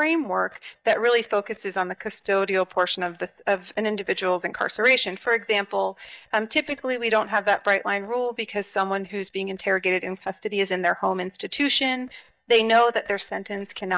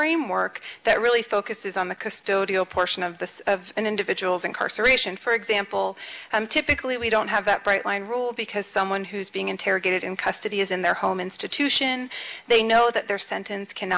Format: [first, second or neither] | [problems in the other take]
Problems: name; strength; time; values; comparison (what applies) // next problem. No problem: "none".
second | noise reduction (neural mask model DeepFilterNet 3)